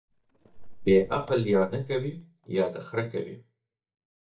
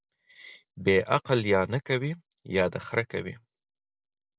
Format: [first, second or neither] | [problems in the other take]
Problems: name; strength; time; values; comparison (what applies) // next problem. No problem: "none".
second | noise reduction (neural mask model DeepFilterNet 3)